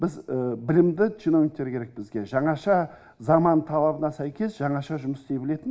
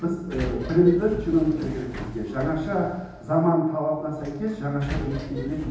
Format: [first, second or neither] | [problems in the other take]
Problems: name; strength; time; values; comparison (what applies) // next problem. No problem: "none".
first | background sound (Sliding door); 11 dB below the speech // room echo; dies away in 0.9 s